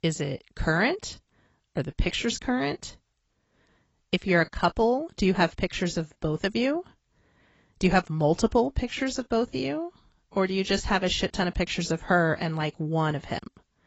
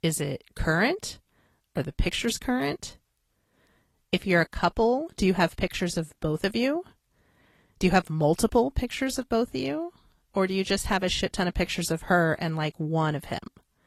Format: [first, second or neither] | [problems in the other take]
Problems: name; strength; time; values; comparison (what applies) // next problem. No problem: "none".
second | garbled, watery; badly; nothing above 8 kHz; slightly in the second